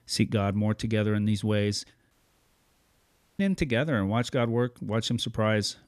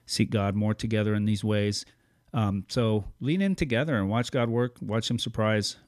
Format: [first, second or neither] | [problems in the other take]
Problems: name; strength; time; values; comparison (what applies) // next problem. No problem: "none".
second | audio cutting out; at 2 s for 1.5 s